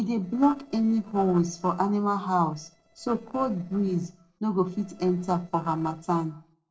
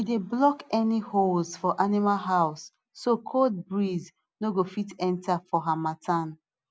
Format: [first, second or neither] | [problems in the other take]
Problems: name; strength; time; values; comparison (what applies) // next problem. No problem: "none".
second | noise reduction (neural separator model SepFormer DNS4)